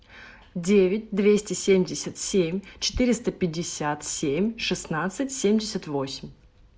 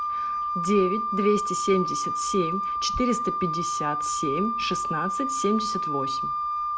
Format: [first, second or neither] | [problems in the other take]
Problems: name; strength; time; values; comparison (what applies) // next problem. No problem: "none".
first | background sound (Wind instrument, woodwind instrument); as loud as the speech